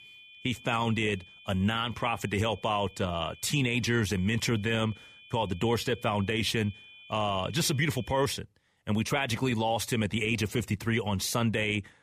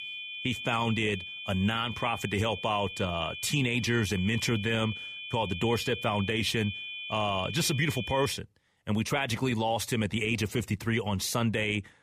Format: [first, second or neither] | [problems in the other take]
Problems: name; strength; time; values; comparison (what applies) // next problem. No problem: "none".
first | high-pitched whine; loud; until 8.5 s; 2.5 kHz, 8 dB below the speech; faint in the first